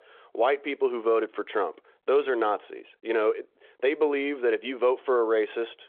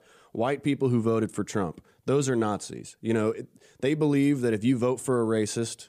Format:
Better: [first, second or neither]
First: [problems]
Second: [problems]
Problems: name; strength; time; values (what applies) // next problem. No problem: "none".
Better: second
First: phone-call audio; nothing above 3.5 kHz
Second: none